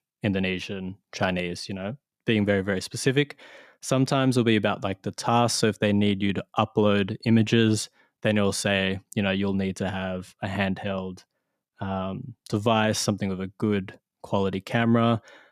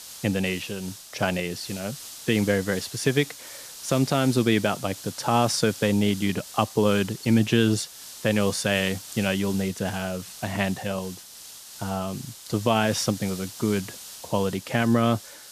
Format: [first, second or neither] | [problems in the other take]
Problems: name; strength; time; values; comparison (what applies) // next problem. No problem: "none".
first | hiss; noticeable; throughout; 15 dB below the speech